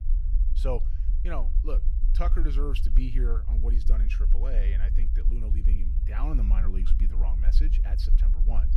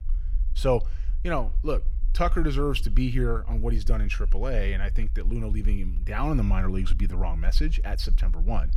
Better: second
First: low rumble; loud; throughout; 9 dB below the speech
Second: low rumble; faint; throughout; 20 dB below the speech

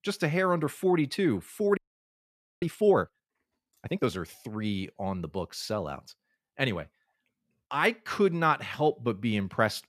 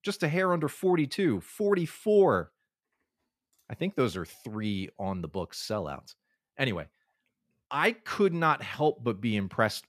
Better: second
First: audio freezing; at 2 s for 1 s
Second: none

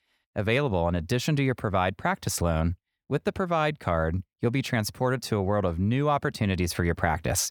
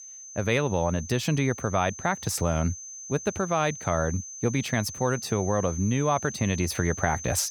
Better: first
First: none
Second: high-pitched whine; noticeable; throughout; 6 kHz, 10 dB below the speech

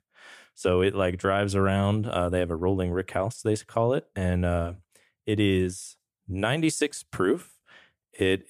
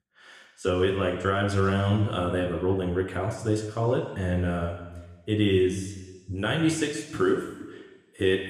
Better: first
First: none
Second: room echo; noticeable; dies away in 1.3 s // off-mic speech; somewhat distant

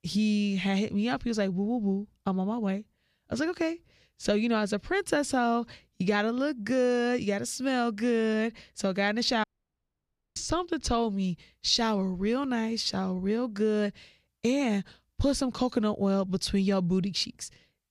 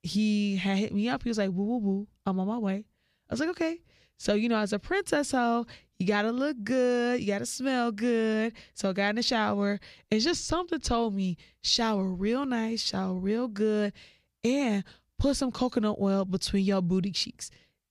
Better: second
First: audio cutting out; at 9.5 s for 1 s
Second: none

